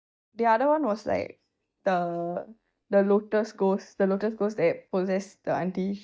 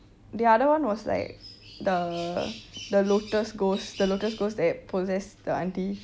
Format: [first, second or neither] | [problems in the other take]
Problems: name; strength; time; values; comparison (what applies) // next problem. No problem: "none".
second | noise reduction (neural mask model DeepFilterNet 3)